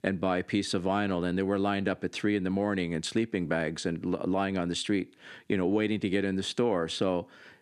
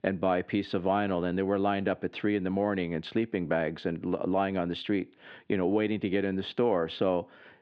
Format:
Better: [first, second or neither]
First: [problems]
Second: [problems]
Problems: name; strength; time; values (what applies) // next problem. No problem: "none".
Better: first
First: none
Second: muffled; very; fading above 3 kHz